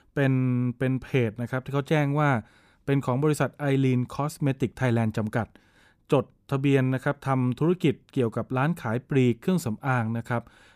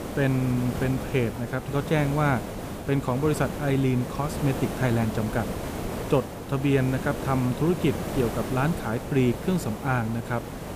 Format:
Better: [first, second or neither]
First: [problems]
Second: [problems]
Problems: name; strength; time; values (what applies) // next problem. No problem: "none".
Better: first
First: none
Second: hiss; loud; throughout; 7 dB below the speech